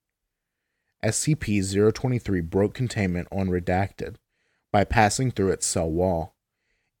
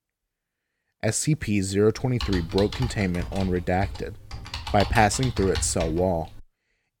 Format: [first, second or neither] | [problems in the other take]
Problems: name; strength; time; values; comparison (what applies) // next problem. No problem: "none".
first | keyboard typing; noticeable; from 2 to 6.5 s; peak 6 dB below the speech